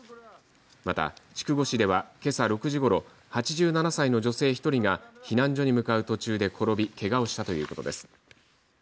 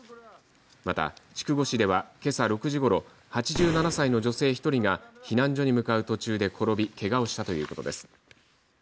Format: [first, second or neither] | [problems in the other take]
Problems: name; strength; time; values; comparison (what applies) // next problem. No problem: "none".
first | background sound (Boom); 7 dB below the speech